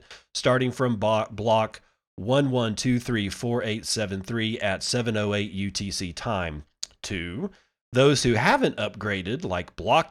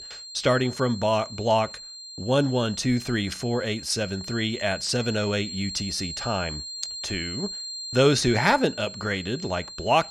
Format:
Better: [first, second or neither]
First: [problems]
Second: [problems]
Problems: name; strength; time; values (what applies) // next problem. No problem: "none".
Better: first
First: none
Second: high-pitched whine; loud; throughout; 4 kHz, 10 dB below the speech